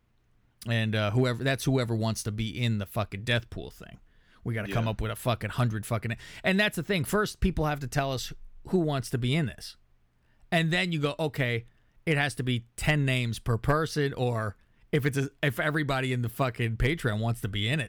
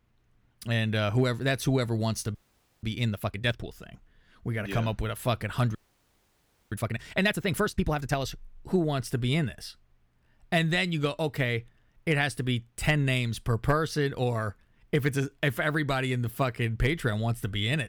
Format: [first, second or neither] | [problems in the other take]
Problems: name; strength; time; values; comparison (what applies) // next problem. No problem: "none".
first | audio freezing; at 2.5 s and at 6 s for 1 s